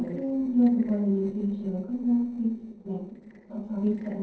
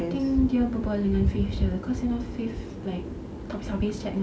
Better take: second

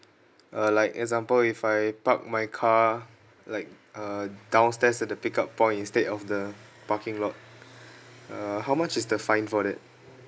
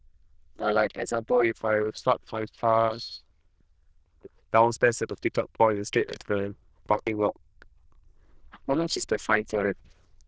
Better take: first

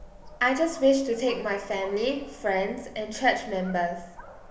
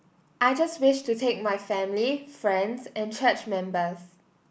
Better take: second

